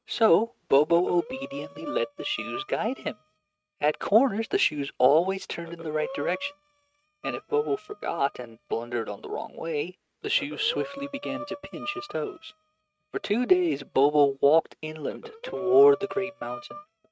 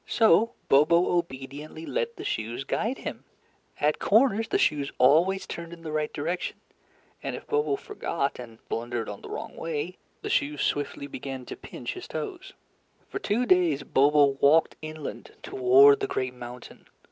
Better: second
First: noise reduction (neural mask model RNNoise)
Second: none

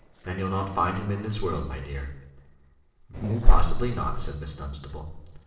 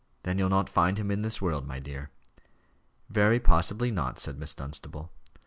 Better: second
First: noise reduction (neural separator model SepFormer DNS4)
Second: none

